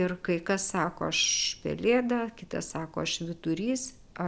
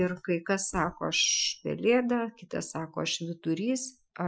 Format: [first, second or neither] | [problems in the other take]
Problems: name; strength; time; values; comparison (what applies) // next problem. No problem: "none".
first | noise reduction (classical method Wiener filter)